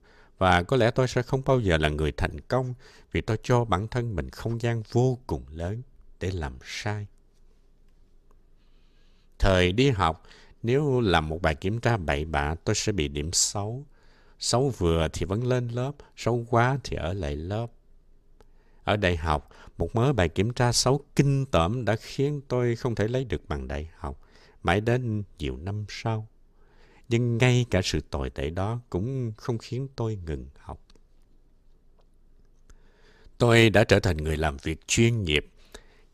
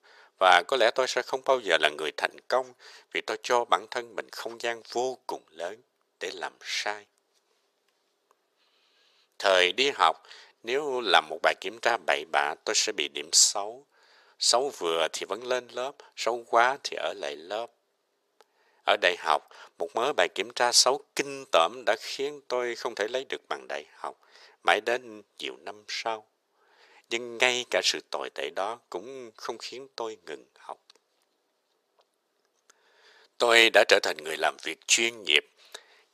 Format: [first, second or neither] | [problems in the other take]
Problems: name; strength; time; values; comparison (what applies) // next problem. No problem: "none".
first | thin; very; fading below 500 Hz